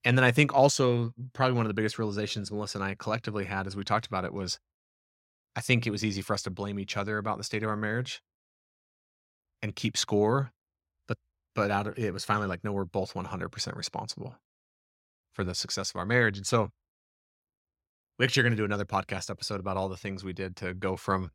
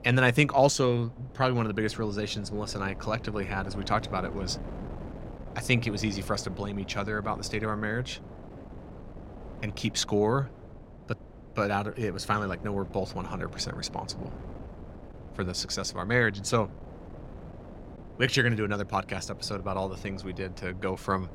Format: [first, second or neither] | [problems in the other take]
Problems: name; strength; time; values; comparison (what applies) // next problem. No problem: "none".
first | wind noise on the microphone; occasional gusts; 20 dB below the speech